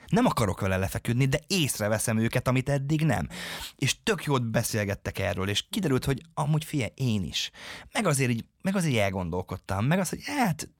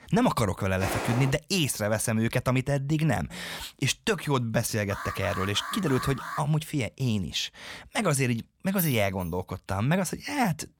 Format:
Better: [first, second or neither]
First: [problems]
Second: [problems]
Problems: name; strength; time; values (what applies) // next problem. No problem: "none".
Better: first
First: none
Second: footsteps; noticeable; at 1 s; peak 3 dB below the speech // alarm; noticeable; from 5 to 6.5 s; peak 7 dB below the speech // jangling keys; noticeable; at 9 s; peak 5 dB below the speech